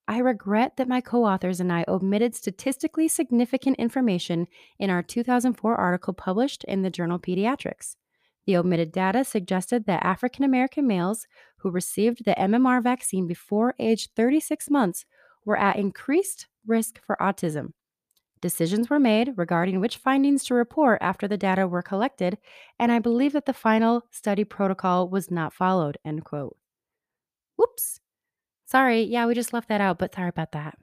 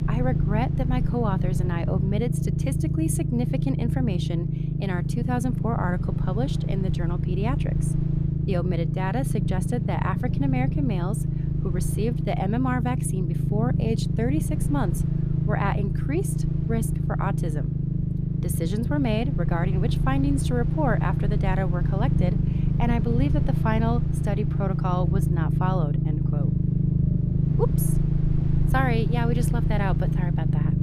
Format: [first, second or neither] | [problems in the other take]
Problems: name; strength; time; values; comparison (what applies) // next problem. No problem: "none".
first | low rumble; loud; throughout; 4 dB below the speech